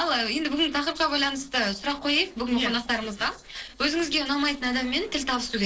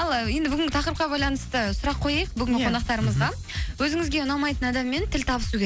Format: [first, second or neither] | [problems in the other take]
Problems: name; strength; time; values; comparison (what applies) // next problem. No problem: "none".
second | noise reduction (neural separator model SepFormer DNS4)